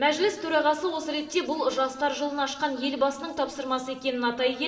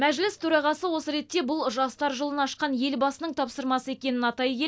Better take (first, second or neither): second